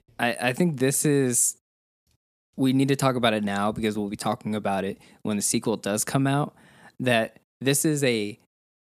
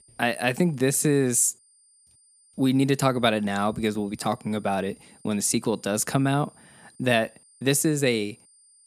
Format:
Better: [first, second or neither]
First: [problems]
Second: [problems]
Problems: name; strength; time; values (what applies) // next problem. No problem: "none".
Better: first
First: none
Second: high-pitched whine; faint; throughout; 9 kHz, 30 dB below the speech